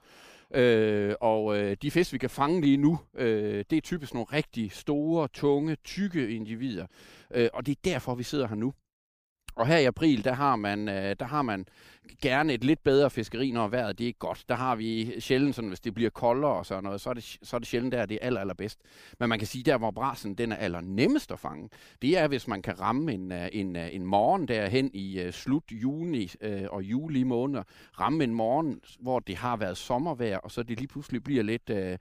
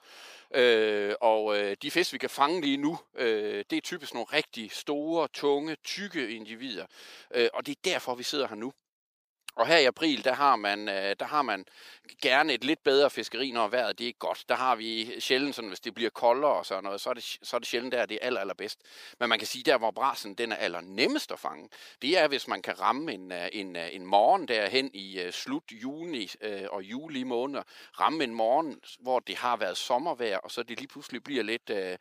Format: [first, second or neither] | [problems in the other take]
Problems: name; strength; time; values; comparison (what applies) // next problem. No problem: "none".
first | thin; somewhat; fading below 450 Hz